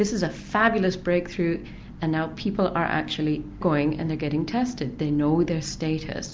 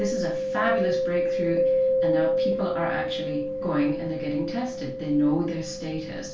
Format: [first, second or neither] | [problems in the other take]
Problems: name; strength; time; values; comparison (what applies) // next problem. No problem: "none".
first | background sound (Mallet percussion); 1 dB above the speech // room echo; dies away in 0.3 s